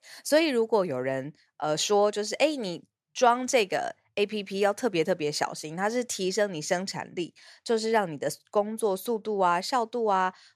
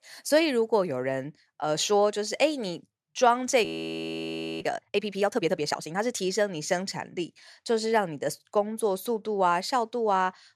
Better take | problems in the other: first | audio freezing; at 3.5 s for 1 s

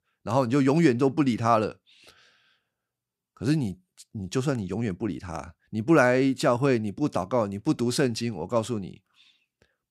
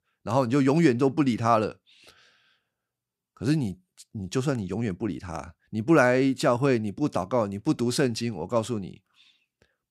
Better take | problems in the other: neither | none

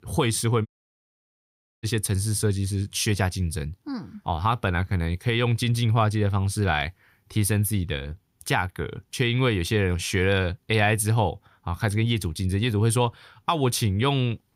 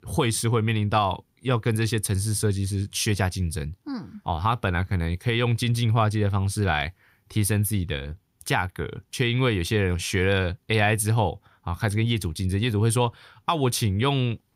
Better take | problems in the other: second | audio cutting out; at 0.5 s for 1 s

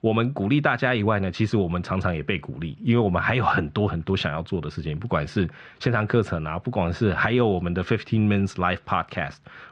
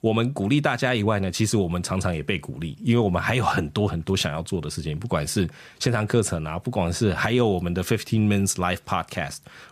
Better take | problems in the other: second | muffled; slightly; fading above 3.5 kHz

